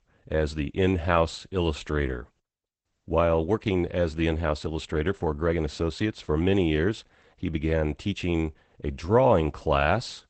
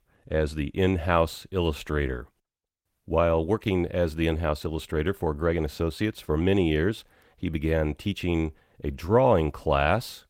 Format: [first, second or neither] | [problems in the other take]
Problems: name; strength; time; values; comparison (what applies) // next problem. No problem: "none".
second | garbled, watery; badly; nothing above 8 kHz; slightly in the second